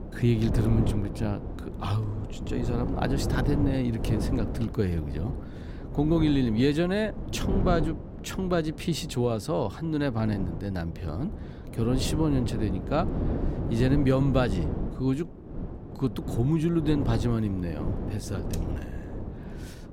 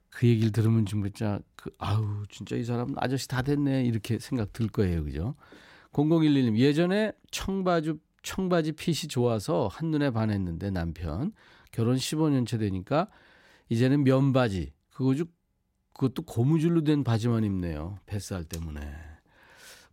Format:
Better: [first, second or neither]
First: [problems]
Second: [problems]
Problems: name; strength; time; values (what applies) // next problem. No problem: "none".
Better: second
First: wind noise on the microphone; heavy; 8 dB below the speech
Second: none